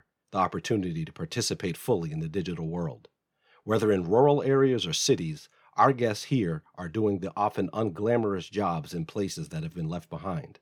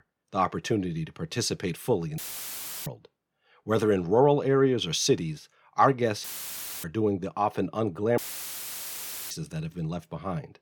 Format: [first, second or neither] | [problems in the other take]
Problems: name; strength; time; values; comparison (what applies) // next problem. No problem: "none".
first | audio cutting out; filled with static; at 2 s for 0.5 s, at 6 s for 0.5 s and at 8 s for 1 s